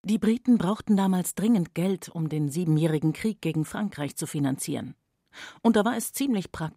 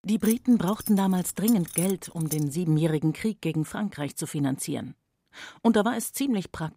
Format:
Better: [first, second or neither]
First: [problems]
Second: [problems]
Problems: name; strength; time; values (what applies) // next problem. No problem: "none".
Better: first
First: none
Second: jangling keys; noticeable; until 2.5 s; peak 4 dB below the speech